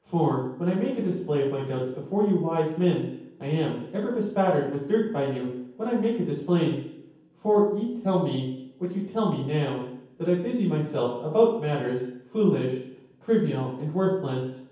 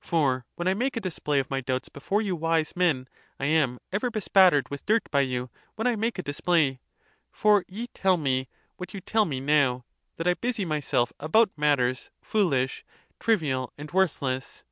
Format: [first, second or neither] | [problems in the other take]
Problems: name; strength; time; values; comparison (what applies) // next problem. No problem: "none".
second | room echo; dies away in 0.9 s